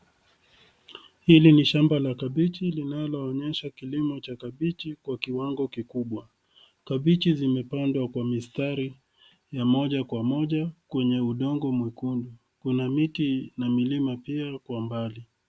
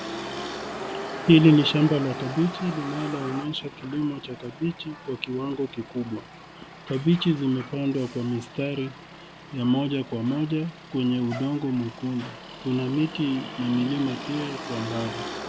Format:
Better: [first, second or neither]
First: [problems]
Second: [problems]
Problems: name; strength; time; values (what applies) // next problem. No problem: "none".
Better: first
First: none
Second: background sound (Motor vehicle (road)); 11 dB below the speech